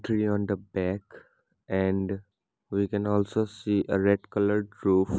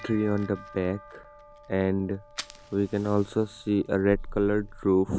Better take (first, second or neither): first